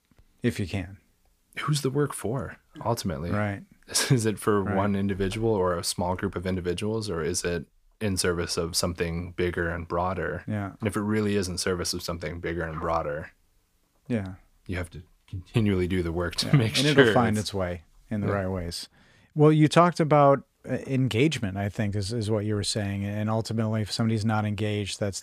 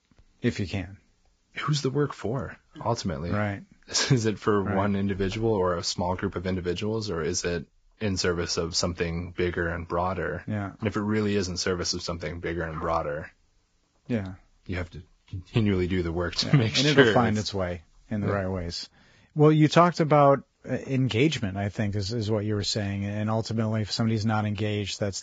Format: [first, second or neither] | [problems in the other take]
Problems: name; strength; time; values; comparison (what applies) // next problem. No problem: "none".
first | garbled, watery; badly; nothing above 7.5 kHz